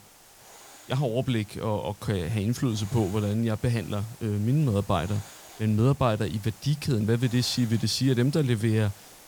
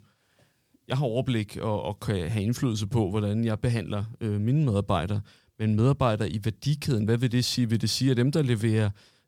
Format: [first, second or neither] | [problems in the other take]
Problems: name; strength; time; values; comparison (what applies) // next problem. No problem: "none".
second | hiss; faint; throughout; 20 dB below the speech